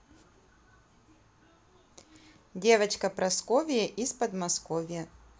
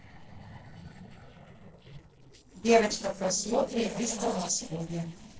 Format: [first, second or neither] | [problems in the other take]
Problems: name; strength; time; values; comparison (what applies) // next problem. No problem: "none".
first | noise reduction (neural separator model SepFormer DNS4)